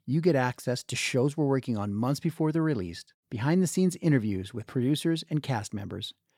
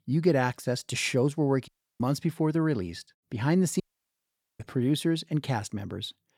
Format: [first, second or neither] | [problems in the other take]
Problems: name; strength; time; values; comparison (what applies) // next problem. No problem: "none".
first | audio cutting out; at 1.5 s and at 4 s for 1 s